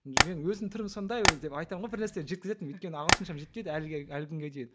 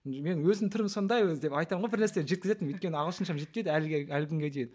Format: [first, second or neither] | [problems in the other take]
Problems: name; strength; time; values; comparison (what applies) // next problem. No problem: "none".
second | background sound (Tap); 4 dB above the speech